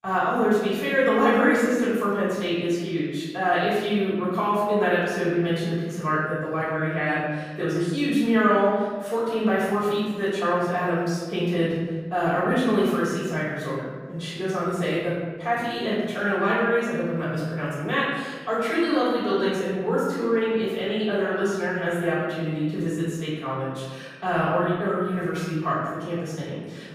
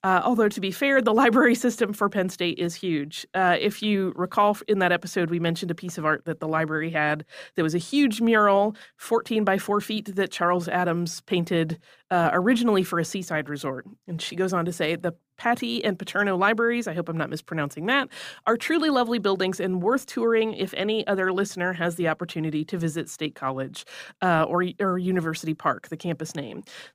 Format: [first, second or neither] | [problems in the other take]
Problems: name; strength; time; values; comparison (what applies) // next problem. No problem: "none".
second | off-mic speech; far // room echo; strong; dies away in 1.3 s